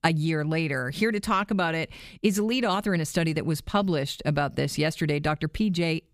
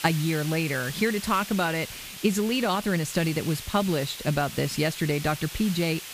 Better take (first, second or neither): first